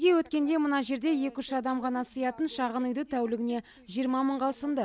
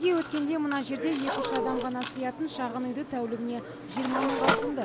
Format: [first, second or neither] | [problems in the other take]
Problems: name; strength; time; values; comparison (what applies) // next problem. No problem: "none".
first | background sound (Dog + Mechanisms); 3 dB below the speech